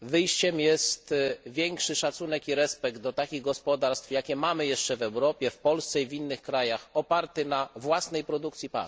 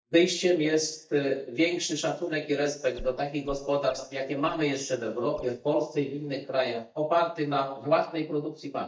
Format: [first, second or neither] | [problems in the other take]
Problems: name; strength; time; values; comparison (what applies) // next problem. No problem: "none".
first | noise reduction (neural mask model DeepFilterNet 3)